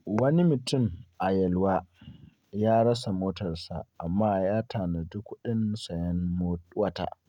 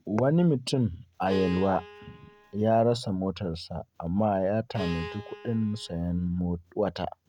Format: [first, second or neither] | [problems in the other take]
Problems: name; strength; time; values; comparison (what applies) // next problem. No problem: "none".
first | background sound (Bowed string instrument); 14 dB below the speech